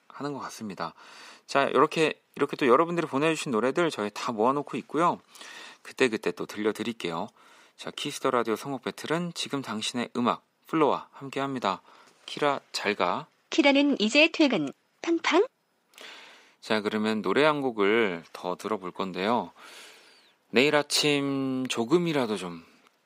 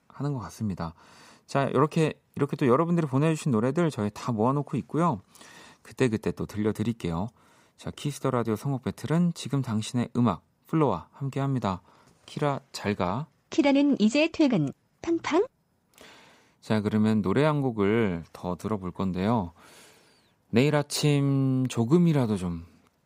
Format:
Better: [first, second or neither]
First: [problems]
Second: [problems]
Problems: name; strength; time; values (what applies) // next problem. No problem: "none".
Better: second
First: thin; somewhat; fading below 350 Hz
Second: none